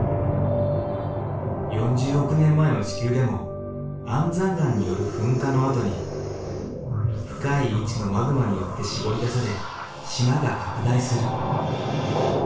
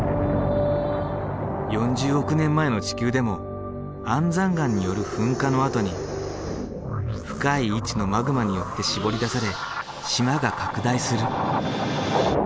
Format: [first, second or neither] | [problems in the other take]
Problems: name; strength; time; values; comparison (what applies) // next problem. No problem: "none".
second | room echo; dies away in 0.4 s